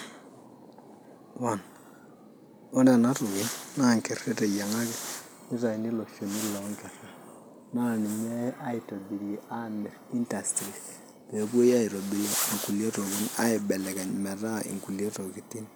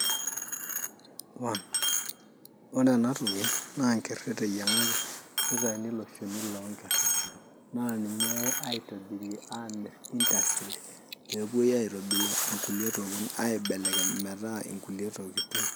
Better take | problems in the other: first | background sound (Coin (dropping)); 1 dB below the speech

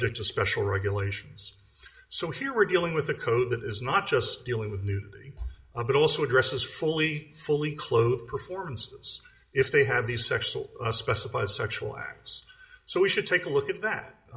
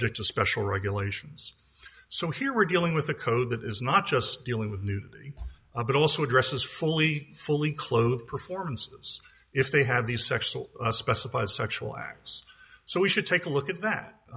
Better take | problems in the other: second | room echo; dies away in 0.7 s

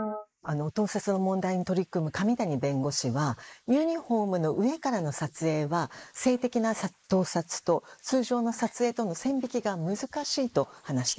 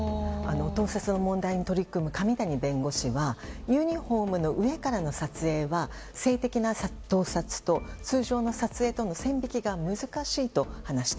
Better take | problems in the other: second | noise reduction (neural mask model Resemble Enhance denoiser)

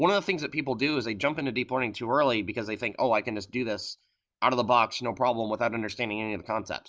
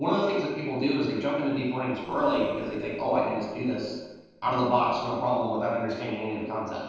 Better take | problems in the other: first | noise reduction (neural separator model SepFormer DNS4)

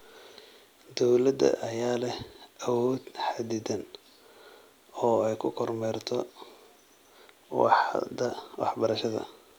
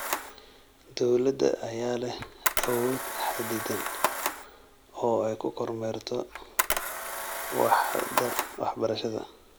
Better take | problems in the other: first | background sound (Camera); 4 dB below the speech

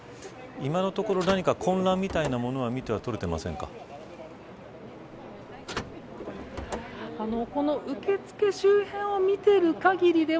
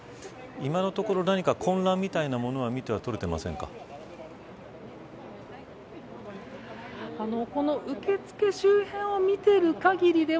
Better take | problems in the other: second | background sound (Car); 14 dB below the speech

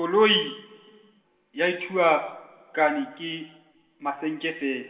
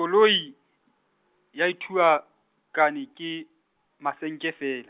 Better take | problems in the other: second | room echo; dies away in 1.8 s

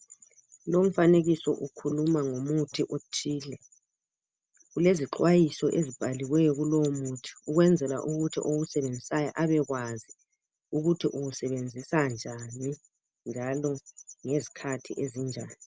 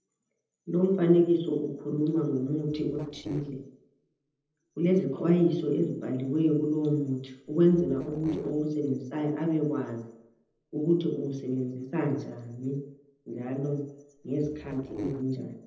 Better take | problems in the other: first | noise reduction (neural separator model SepFormer DNS4)

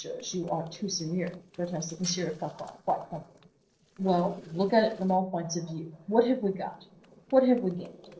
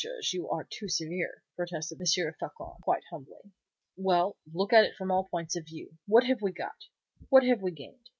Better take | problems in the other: second | noise reduction (neural separator model SepFormer DNS4)

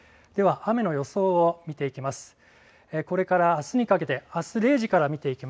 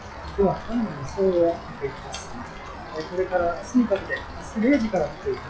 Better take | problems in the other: first | noise reduction (classical method WPE with log-MMSE)

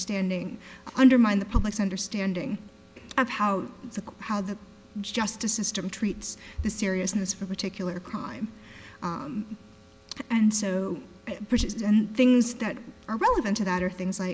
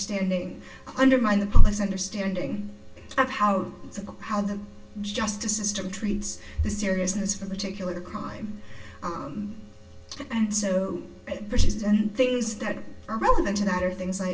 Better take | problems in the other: first | room echo; dies away in 0.3 s

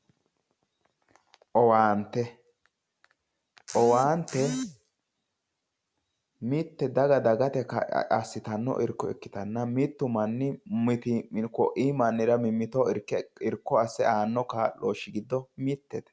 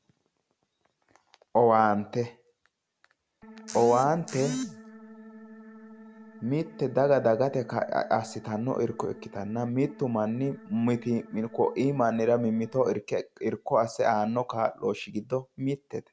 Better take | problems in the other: first | background sound (Organ); 19 dB below the speech

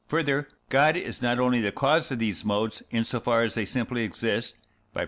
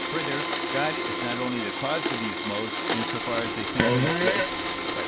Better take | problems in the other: first | background sound (Fart + Domestic sounds, home sounds); 5 dB above the speech

